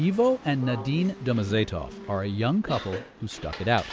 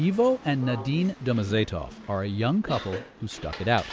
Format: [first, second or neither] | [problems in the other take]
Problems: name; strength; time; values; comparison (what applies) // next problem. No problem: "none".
second | background sound (Bowed string instrument); 20 dB below the speech